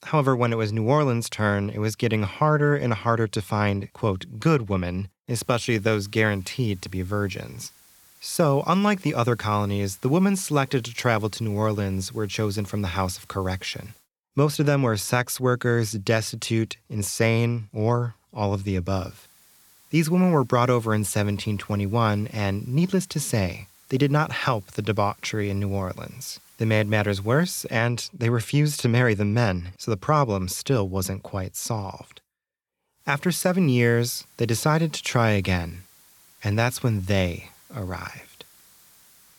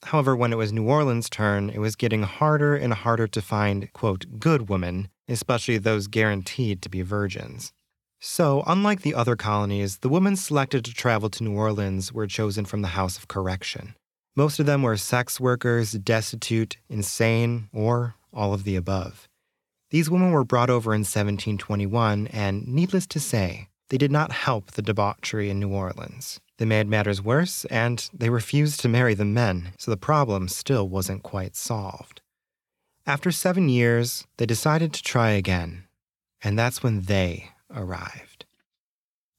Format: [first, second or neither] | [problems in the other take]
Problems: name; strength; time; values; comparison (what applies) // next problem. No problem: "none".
second | hiss; faint; from 5.5 to 14 s, from 19 to 28 s and from 33 s on; 30 dB below the speech